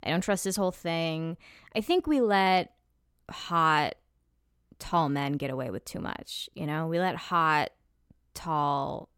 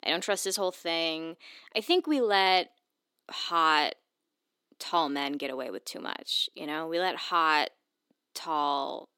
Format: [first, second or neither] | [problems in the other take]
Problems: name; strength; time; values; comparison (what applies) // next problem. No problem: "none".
first | thin; very slightly; fading below 300 Hz